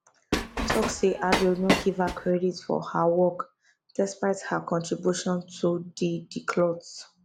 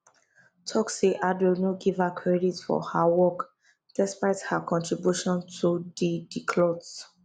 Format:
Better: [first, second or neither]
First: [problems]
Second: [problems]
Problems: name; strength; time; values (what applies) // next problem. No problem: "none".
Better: second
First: background sound (Train); 1 dB below the speech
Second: none